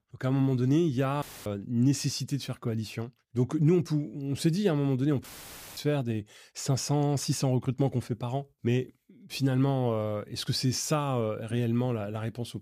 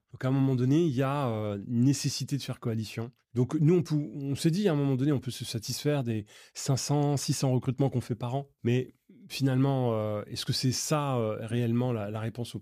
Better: second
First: audio cutting out; filled with static; at 1 s and at 5 s for 0.5 s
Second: none

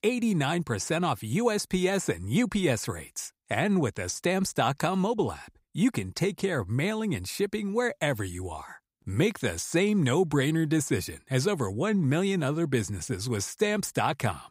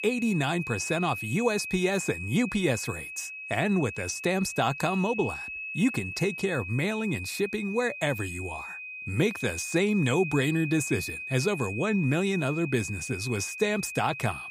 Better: first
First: none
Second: high-pitched whine; loud; throughout; 2.5 kHz, 7 dB below the speech

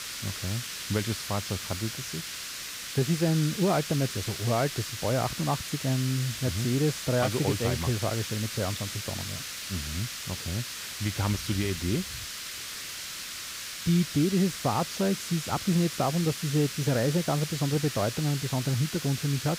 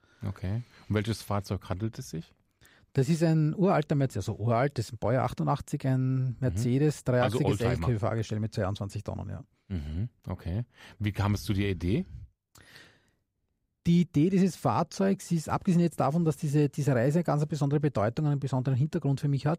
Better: second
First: hiss; loud; throughout; 6 dB below the speech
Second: none

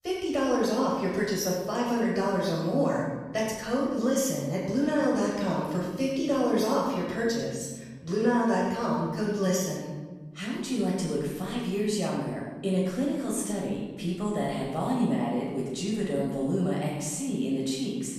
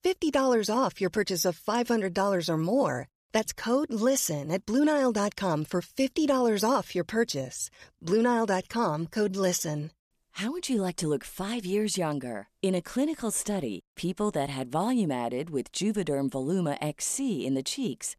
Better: second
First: room echo; noticeable; dies away in 1.2 s // off-mic speech; far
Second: none

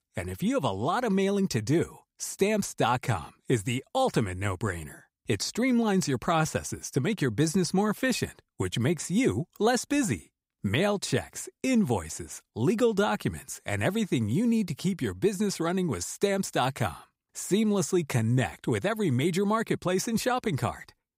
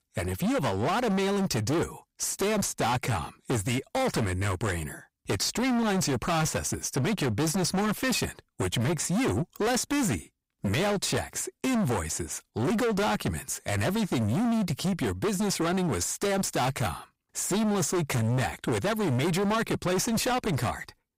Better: first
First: none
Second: distortion; heavy; 30% of the sound clipped

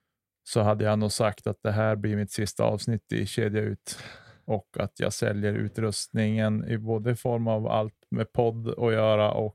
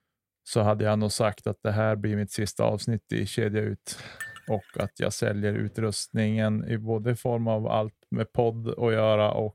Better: first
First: none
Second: clattering dishes; faint; at 4 s; peak 10 dB below the speech

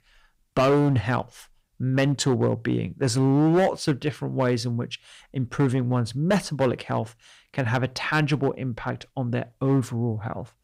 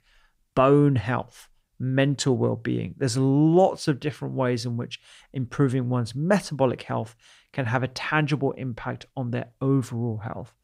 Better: second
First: distortion; slight; 6% of the sound clipped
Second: none

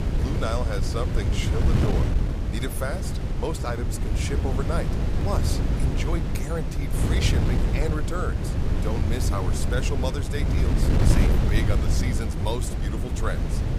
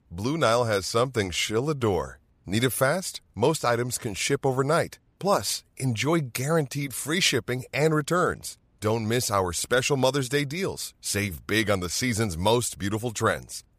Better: second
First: wind noise on the microphone; heavy; 2 dB below the speech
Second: none

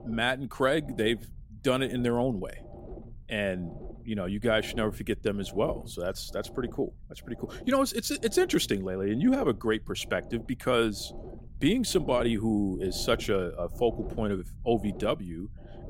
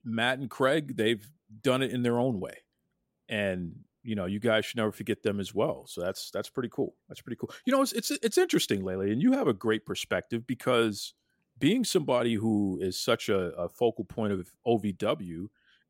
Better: second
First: low rumble; noticeable; throughout; 20 dB below the speech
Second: none

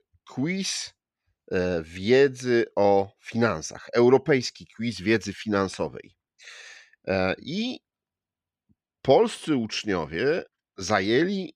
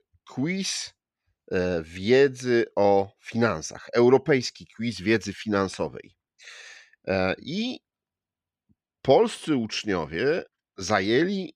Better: neither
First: none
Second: none

